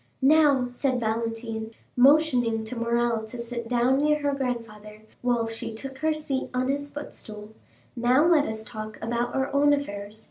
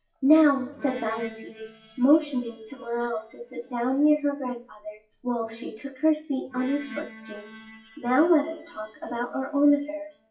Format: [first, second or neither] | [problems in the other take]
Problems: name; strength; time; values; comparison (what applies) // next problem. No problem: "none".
first | noise reduction (classical method WPE with log-MMSE)